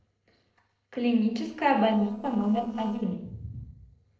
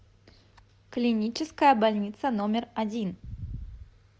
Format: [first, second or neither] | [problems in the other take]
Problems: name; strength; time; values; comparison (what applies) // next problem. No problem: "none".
second | noise reduction (neural separator model SepFormer DNS4)